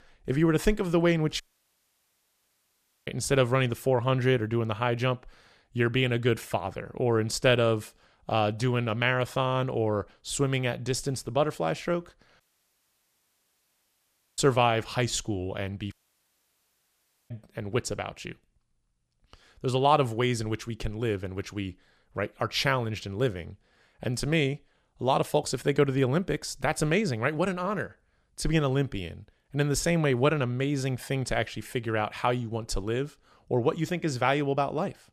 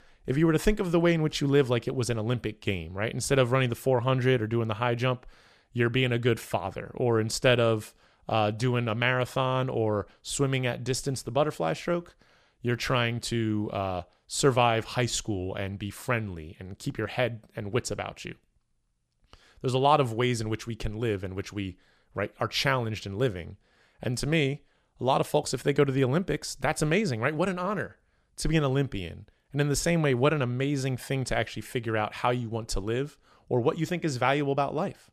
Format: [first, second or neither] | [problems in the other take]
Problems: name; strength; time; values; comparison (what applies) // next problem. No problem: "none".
second | audio cutting out; at 1.5 s for 1.5 s, at 12 s for 2 s and at 16 s for 1.5 s